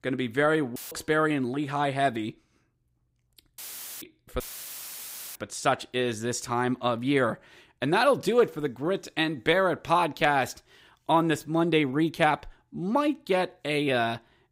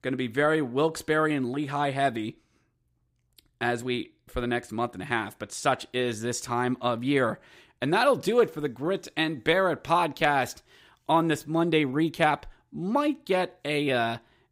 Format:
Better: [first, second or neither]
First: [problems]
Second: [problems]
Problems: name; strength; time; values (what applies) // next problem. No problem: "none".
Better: second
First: audio cutting out; filled with static; at 1 s, at 3.5 s and at 4.5 s for 1 s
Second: none